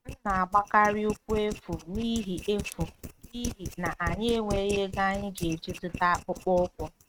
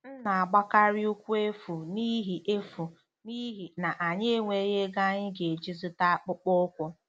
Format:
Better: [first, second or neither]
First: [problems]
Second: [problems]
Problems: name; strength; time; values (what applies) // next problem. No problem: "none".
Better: second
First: noise reduction (neural mask model RNNoise)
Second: none